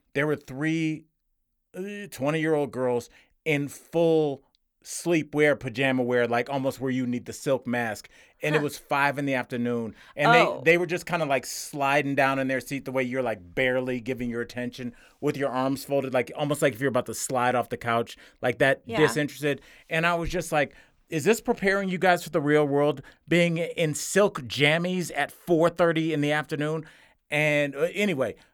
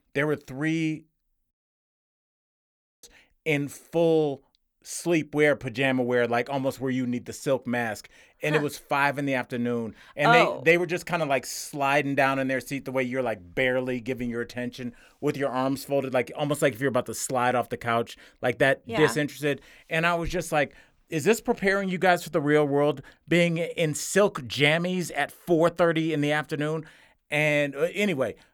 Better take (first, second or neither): first